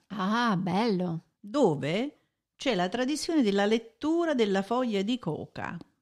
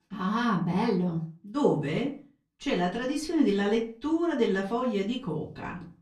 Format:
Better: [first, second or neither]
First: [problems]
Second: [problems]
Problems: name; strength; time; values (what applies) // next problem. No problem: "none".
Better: first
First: none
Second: off-mic speech; far // room echo; slight; dies away in 0.3 s